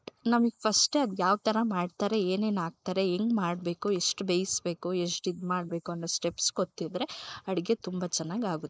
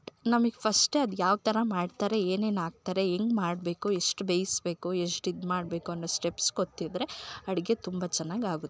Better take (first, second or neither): second